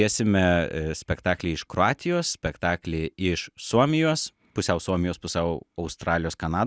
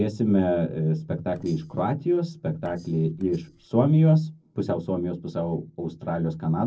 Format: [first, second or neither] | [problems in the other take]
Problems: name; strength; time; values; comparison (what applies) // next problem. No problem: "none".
first | noise reduction (neural separator model SepFormer DNS4)